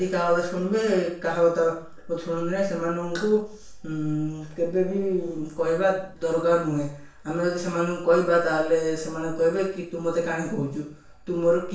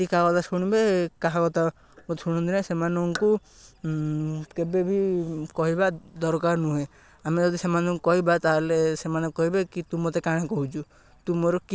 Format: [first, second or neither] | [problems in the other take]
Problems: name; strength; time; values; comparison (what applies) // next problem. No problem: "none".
second | room echo; dies away in 0.5 s